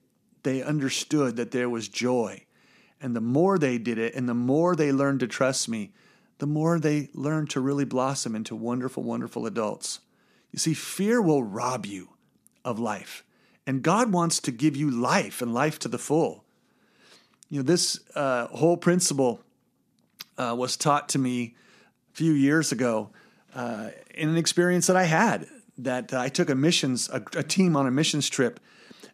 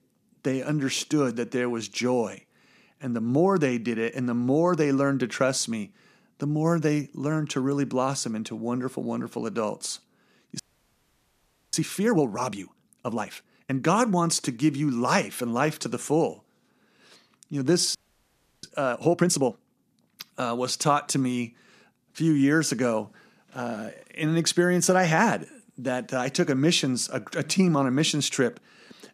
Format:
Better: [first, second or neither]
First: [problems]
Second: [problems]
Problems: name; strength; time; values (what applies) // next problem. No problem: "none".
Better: first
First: none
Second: audio freezing; at 11 s for 1 s and at 18 s for 0.5 s